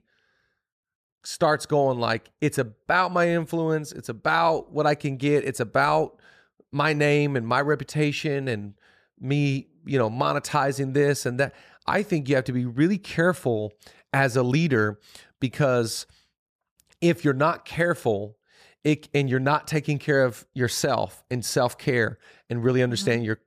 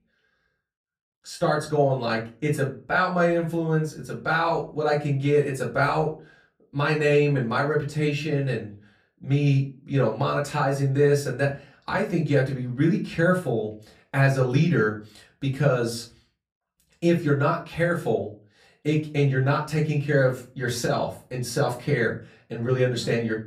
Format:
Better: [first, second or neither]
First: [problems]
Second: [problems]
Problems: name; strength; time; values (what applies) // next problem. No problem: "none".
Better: first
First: none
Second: off-mic speech; far // room echo; very slight; dies away in 0.3 s